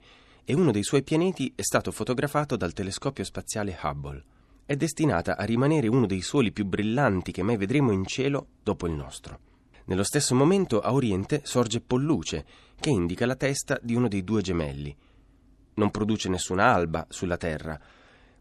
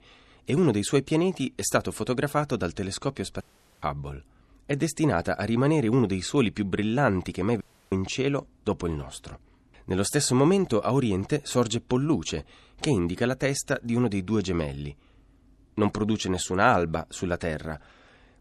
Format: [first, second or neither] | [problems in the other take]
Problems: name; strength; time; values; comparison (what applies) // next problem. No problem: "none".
first | audio cutting out; at 3.5 s and at 7.5 s